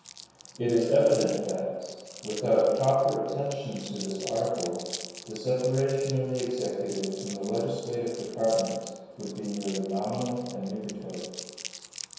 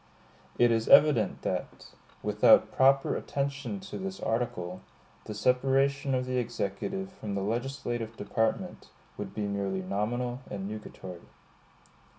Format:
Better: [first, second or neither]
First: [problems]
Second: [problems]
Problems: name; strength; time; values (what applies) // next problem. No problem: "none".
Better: second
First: background sound (Crumpling, crinkling); 15 dB below the speech // room echo; dies away in 1.2 s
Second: none